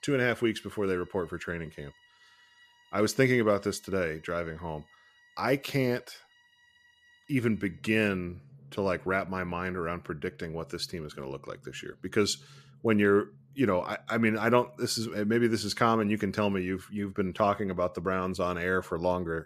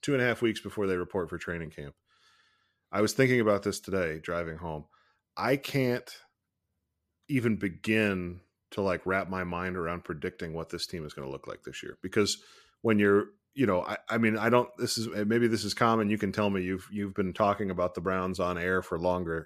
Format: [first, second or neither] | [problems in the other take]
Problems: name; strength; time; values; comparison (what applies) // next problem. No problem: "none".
second | background music; faint; throughout; 30 dB below the speech